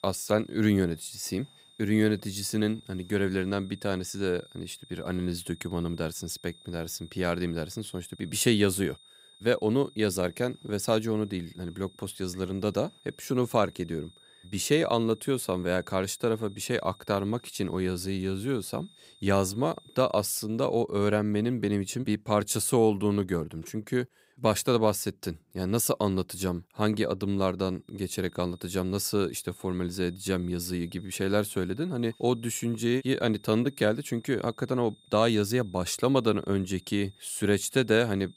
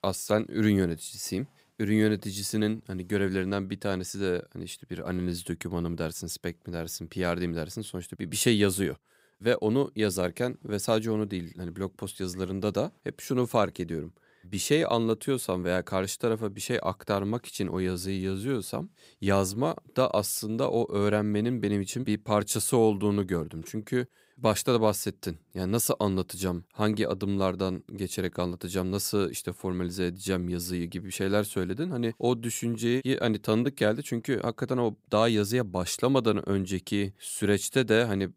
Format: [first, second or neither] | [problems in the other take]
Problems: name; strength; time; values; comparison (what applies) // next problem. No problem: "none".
second | high-pitched whine; faint; until 20 s and from 28 s on; 3.5 kHz, 25 dB below the speech